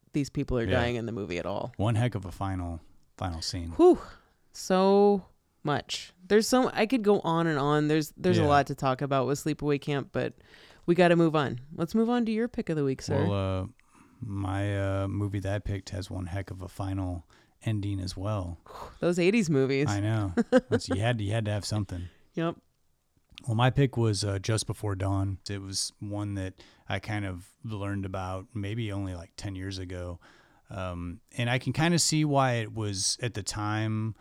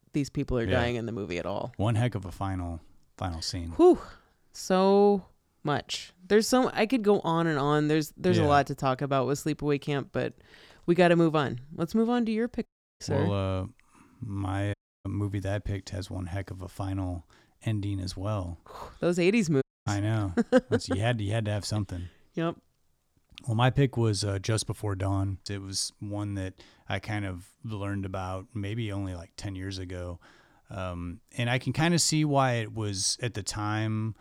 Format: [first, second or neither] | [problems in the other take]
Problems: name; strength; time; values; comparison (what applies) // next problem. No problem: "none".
first | audio cutting out; at 13 s, at 15 s and at 20 s